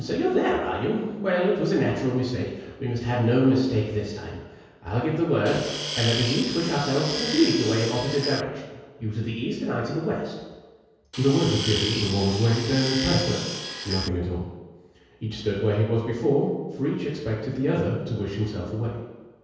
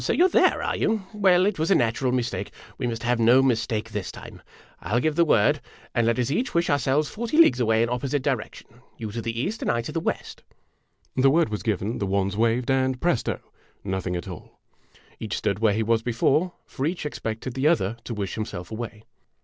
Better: second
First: background sound (Tools); 6 dB below the speech // room echo; dies away in 1.2 s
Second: none

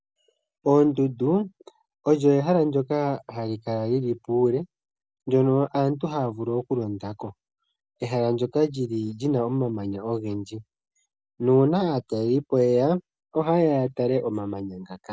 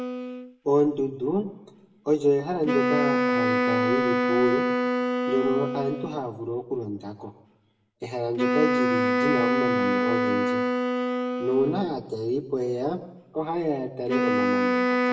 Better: first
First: none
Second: background sound (Wind instrument, woodwind instrument); 2 dB above the speech // room echo; dies away in 0.7 s

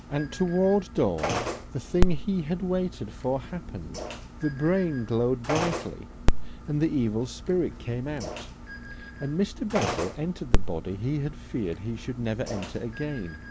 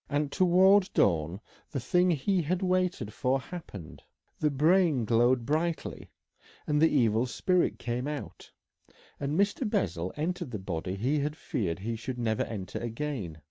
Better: second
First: background sound (Telephone); 1 dB below the speech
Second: none

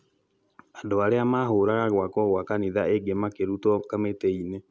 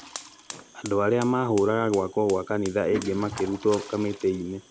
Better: first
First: none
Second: background sound (Toilet flush + Fire); 15 dB below the speech

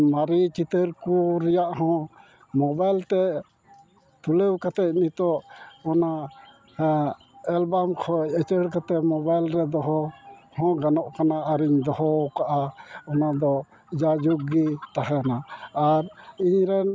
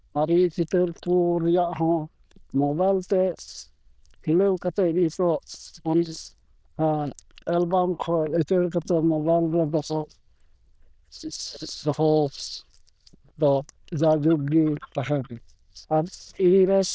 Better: first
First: none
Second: noise reduction (neural diffusion model UNIVERSE++)

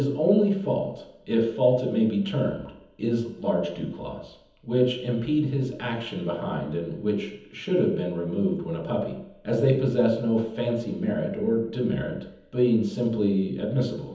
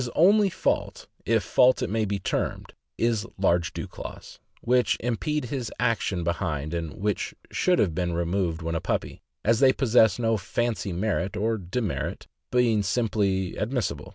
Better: second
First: room echo; dies away in 1.3 s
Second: none

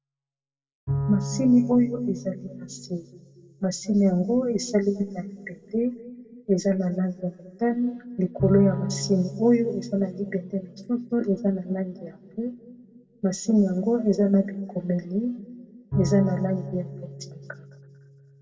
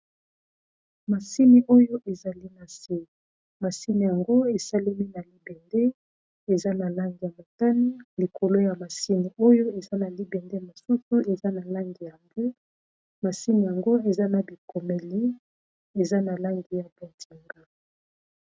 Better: second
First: background sound (Bowed string instrument); 11 dB below the speech // room echo; dies away in 1.3 s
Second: none

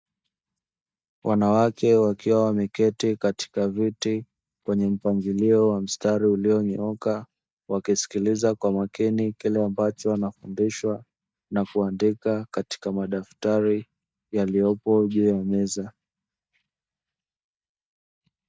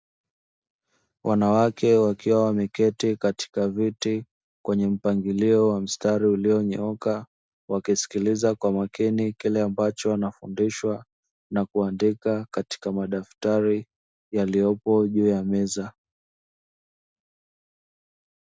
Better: second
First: noise reduction (neural mask model DeepFilterNet 3)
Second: none

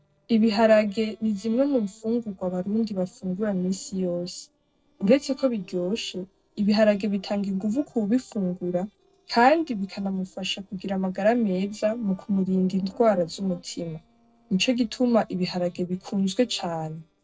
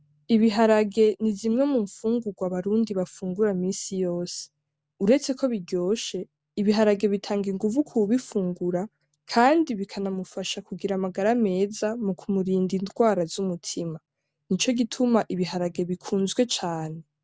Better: second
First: noise reduction (neural separator model SepFormer DNS4)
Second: none

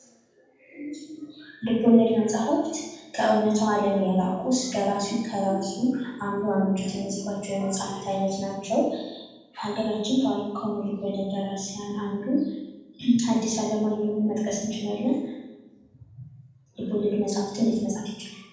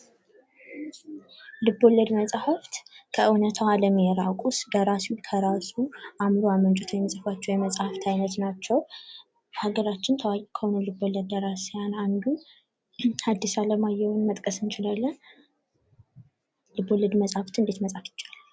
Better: second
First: room echo; dies away in 1.1 s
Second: none

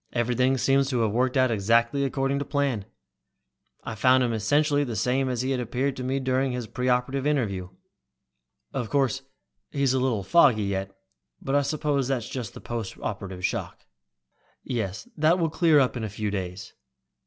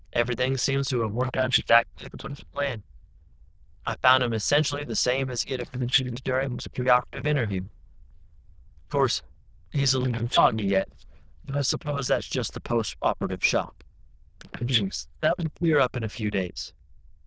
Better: first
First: none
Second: noise reduction (neural diffusion model UNIVERSE++)

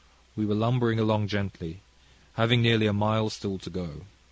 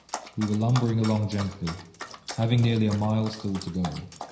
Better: first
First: none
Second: background sound (Dog); 14 dB below the speech // room echo; dies away in 0.9 s

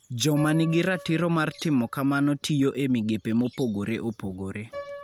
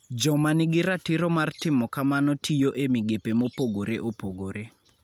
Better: second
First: background sound (Piano); 19 dB below the speech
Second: none

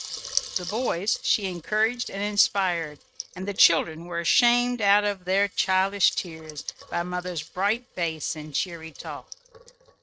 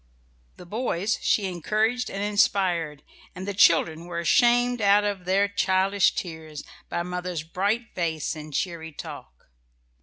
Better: second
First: noise reduction (neural mask model RNNoise)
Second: none

